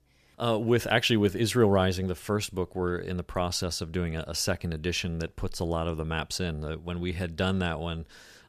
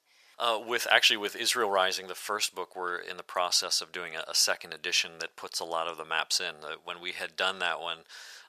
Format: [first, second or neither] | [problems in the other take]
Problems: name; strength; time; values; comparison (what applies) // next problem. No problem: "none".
first | thin; very; fading below 900 Hz